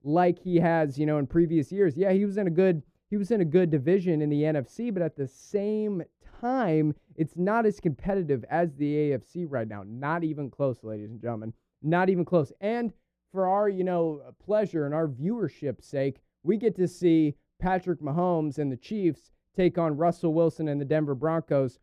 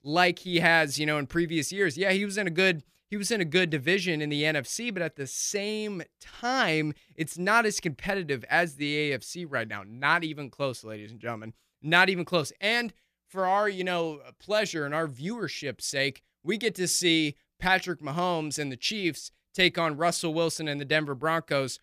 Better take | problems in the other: second | muffled; very; fading above 1.5 kHz

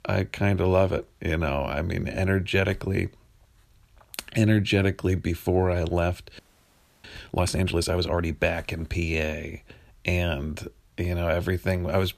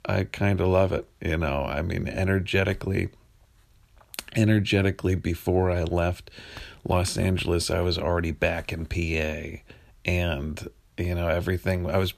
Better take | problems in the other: second | audio freezing; at 6.5 s for 0.5 s

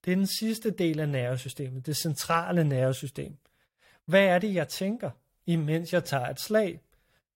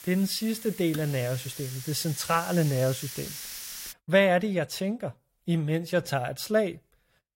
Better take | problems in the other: first | hiss; noticeable; until 4 s; 10 dB below the speech

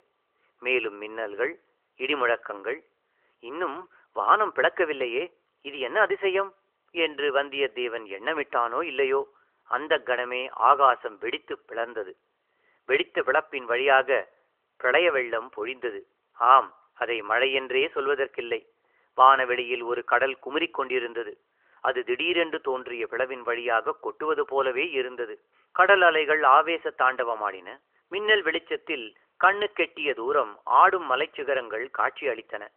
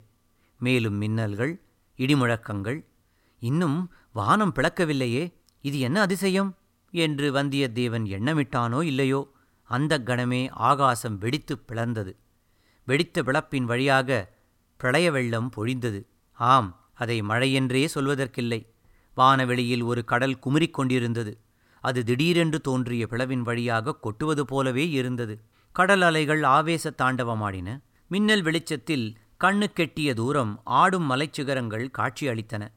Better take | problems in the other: second | phone-call audio; nothing above 3 kHz

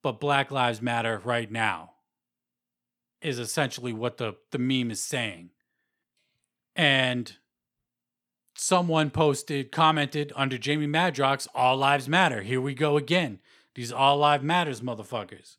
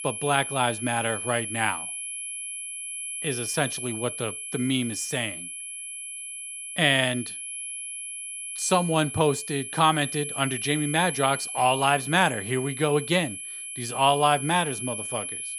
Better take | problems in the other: first | high-pitched whine; loud; throughout; 11 kHz, 7 dB below the speech

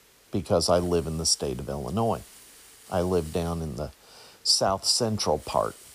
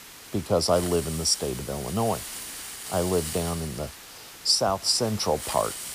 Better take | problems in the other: first | hiss; loud; throughout; 10 dB below the speech; faint in the first

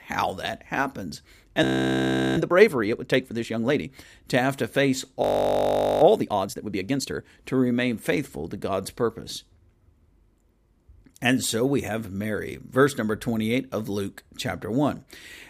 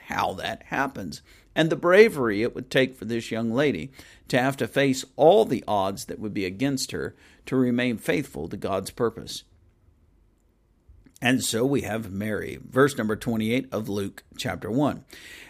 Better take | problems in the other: second | audio freezing; at 1.5 s for 0.5 s and at 5 s for 1 s

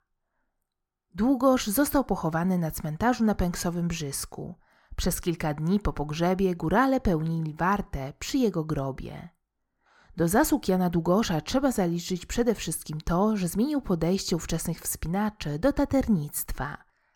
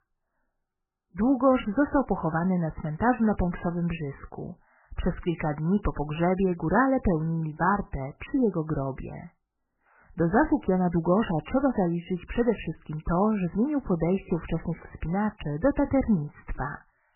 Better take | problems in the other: first | garbled, watery; badly; nothing above 3 kHz

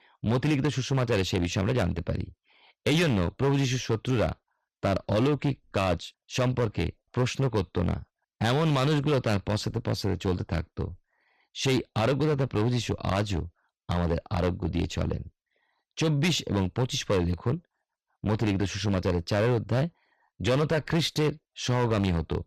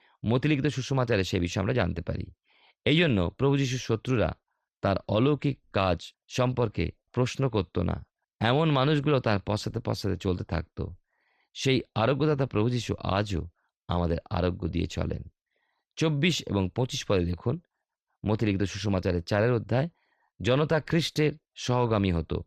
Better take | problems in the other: second | distortion; slight; 8% of the sound clipped

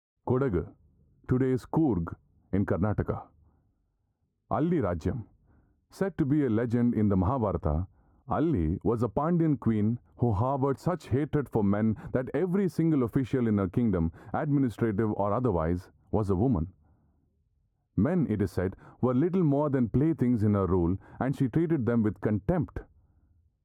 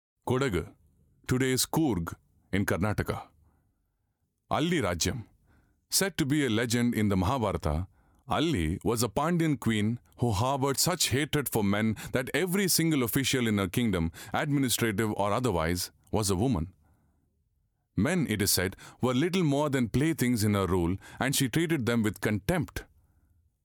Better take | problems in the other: second | muffled; very; fading above 1.5 kHz

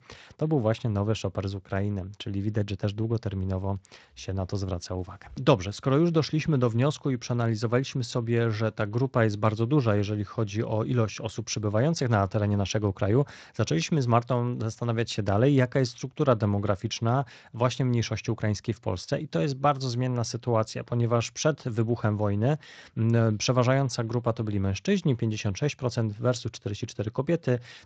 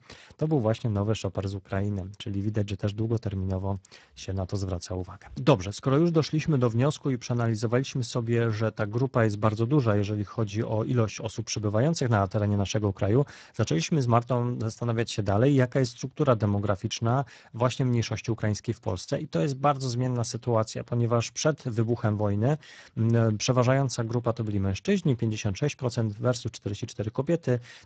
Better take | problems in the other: first | garbled, watery; badly; slightly in the first

